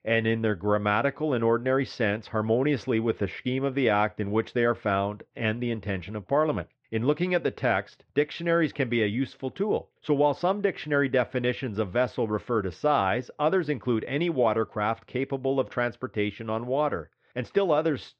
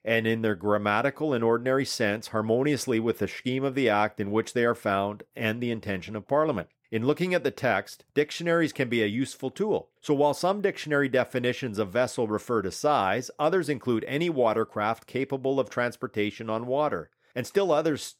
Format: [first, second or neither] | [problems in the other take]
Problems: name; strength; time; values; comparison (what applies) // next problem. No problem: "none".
second | muffled; slightly; fading above 4 kHz